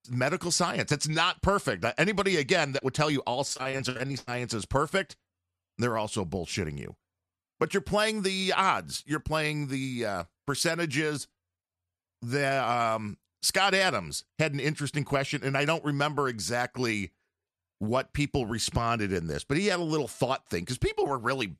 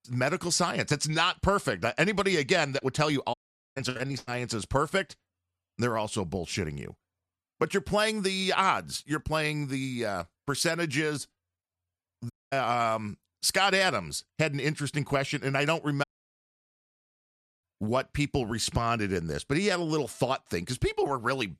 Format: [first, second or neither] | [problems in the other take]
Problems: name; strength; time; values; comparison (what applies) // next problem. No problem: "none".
first | audio cutting out; at 3.5 s, at 12 s and at 16 s for 1.5 s